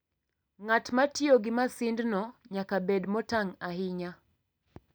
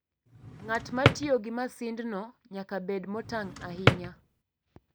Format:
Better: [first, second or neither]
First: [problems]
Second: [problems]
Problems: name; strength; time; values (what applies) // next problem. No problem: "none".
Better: first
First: none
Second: background sound (Drawer open or close); 5 dB above the speech